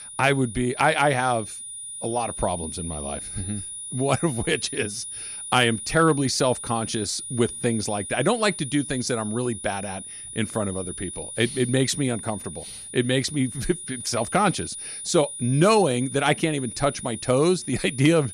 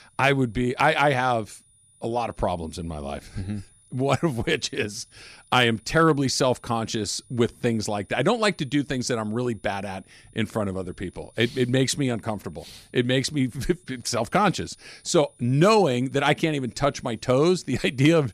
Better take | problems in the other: second | high-pitched whine; loud; throughout; 9.5 kHz, 9 dB below the speech; faint in the second

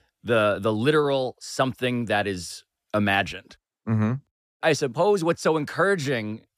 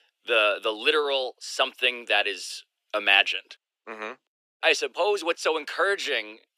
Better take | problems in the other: first | thin; very; fading below 350 Hz

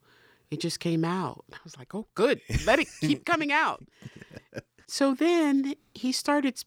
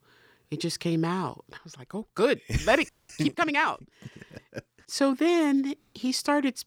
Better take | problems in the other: first | audio freezing; at 3 s

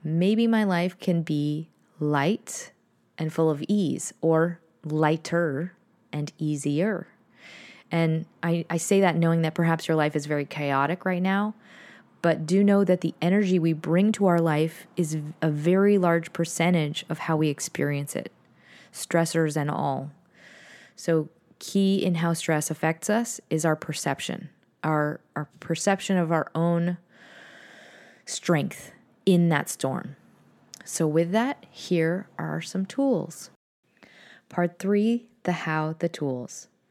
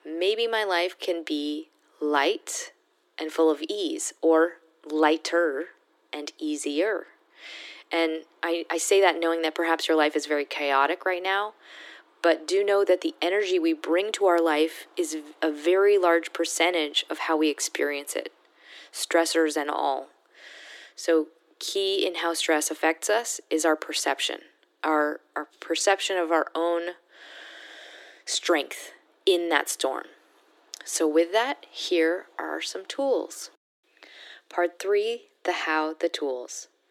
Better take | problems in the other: first | thin; very; fading below 300 Hz

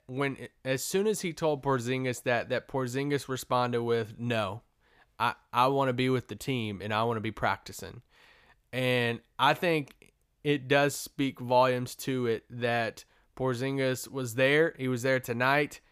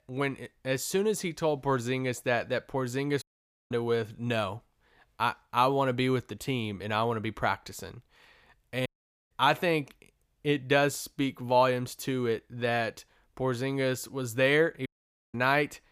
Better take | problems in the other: first | audio cutting out; at 3 s, at 9 s and at 15 s

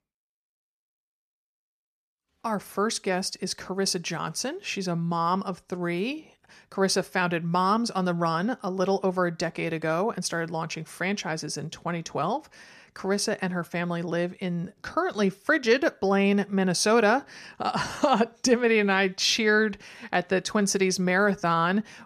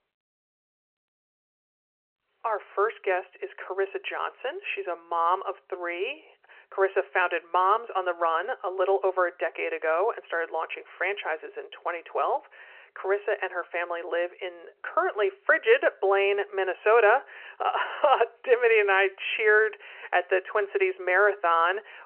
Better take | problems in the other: first | phone-call audio

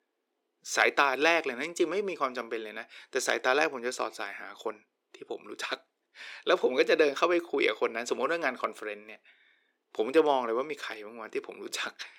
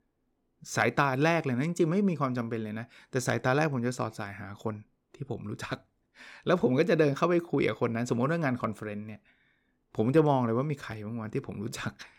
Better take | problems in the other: second | thin; very; fading below 350 Hz

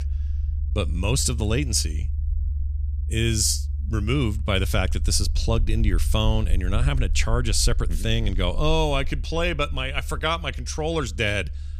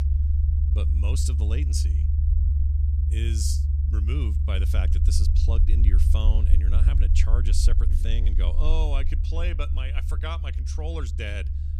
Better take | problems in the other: first | low rumble; loud; throughout; 5 dB below the speech; faint in the first

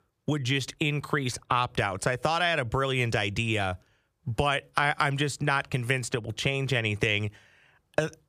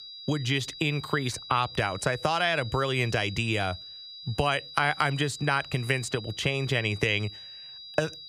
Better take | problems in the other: first | high-pitched whine; noticeable; throughout; 4 kHz, 15 dB below the speech

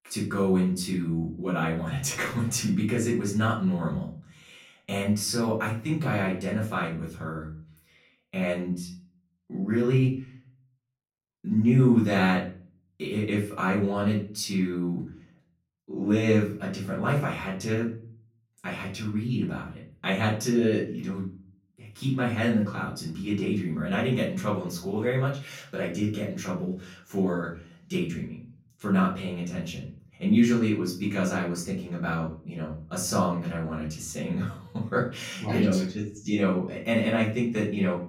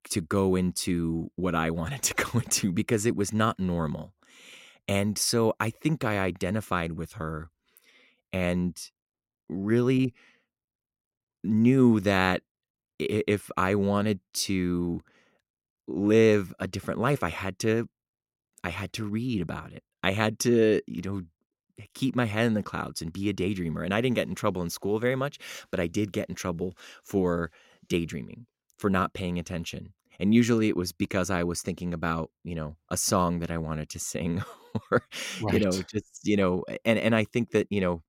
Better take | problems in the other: second | off-mic speech; far // room echo; slight; dies away in 0.4 s

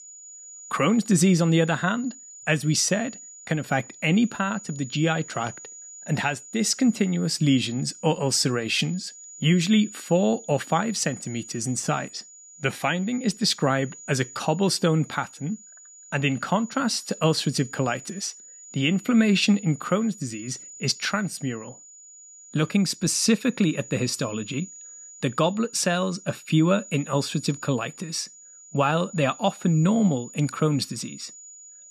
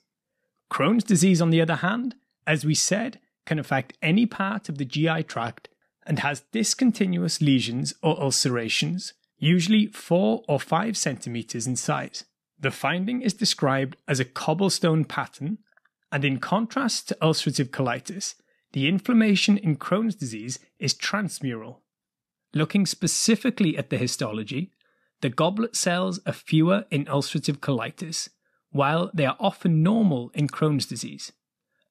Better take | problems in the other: second | high-pitched whine; noticeable; throughout; 7 kHz, 15 dB below the speech

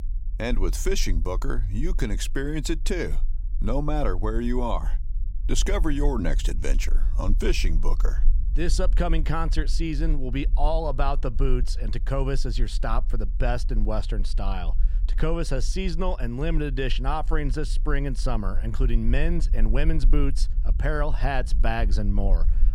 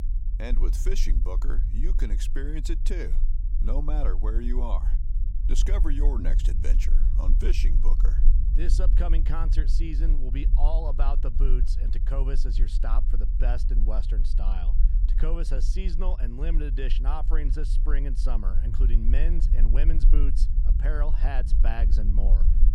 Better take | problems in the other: first | low rumble; loud; throughout; 10 dB below the speech; faint in the first

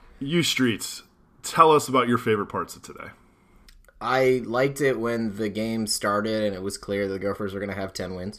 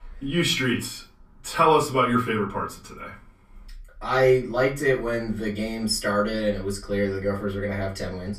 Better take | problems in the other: first | off-mic speech; far // room echo; very slight; dies away in 0.2 s

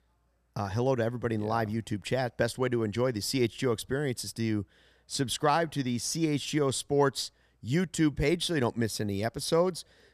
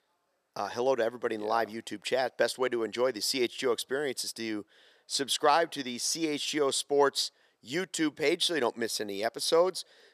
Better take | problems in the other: first | thin; somewhat; fading below 450 Hz

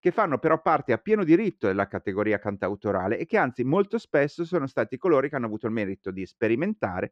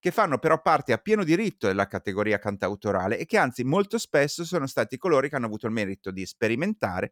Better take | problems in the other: second | muffled; slightly; fading above 2.5 kHz

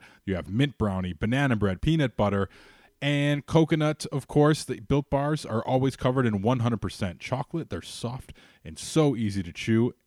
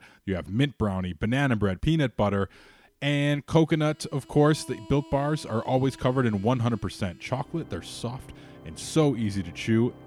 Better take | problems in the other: first | background music; faint; from 4 s on; 20 dB below the speech

